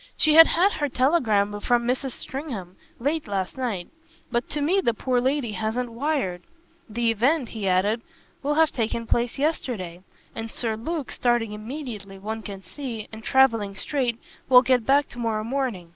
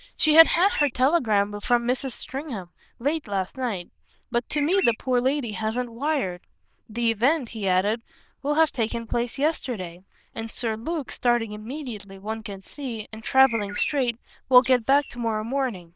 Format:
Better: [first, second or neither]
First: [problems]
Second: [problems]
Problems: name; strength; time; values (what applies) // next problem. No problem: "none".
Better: first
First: none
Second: noise reduction (neural diffusion model UNIVERSE++)